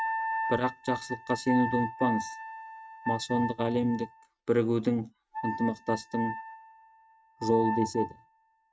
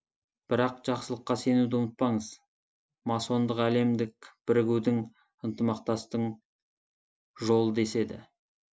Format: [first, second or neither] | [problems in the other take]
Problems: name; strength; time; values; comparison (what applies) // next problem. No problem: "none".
second | noise reduction (neural mask model RNNoise)